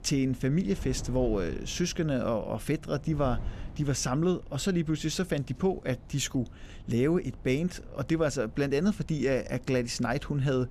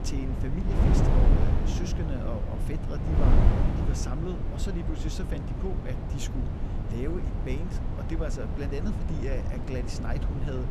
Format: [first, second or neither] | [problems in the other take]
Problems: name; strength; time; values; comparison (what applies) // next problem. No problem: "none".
first | wind noise on the microphone; heavy; 1 dB above the speech; occasional gusts in the first